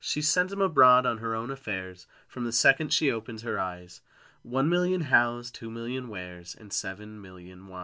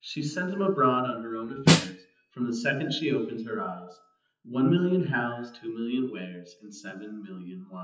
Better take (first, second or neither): first